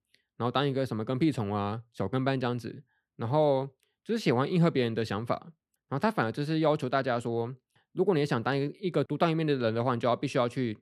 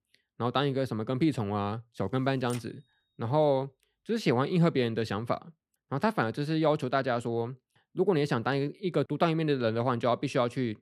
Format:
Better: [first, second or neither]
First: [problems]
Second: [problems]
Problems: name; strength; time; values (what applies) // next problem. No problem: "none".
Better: first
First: none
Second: keyboard typing; faint; at 2.5 s; peak 15 dB below the speech